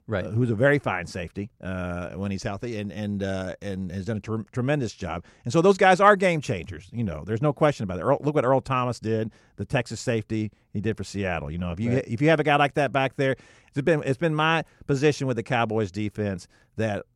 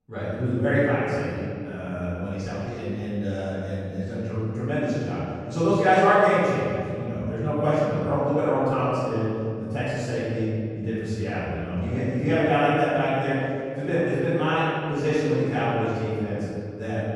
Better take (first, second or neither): first